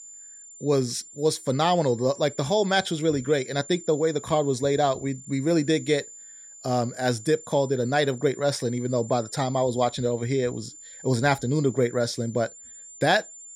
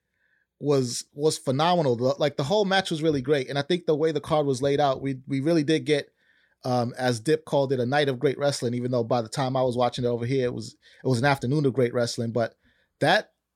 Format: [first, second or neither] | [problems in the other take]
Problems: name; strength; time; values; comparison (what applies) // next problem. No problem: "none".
second | high-pitched whine; noticeable; throughout; 7 kHz, 15 dB below the speech